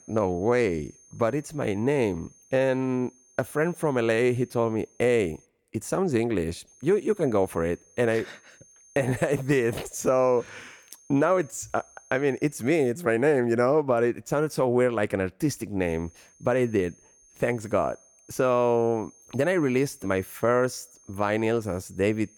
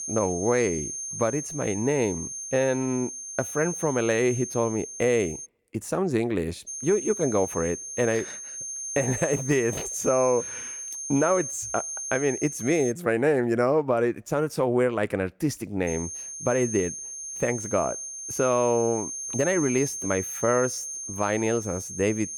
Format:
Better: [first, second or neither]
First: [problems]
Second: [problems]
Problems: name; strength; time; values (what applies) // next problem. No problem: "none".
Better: first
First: high-pitched whine; faint; until 5.5 s, from 6.5 to 13 s and from 16 s on; 6.5 kHz, 30 dB below the speech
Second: high-pitched whine; loud; until 5.5 s, from 6.5 to 13 s and from 16 s on; 6.5 kHz, 7 dB below the speech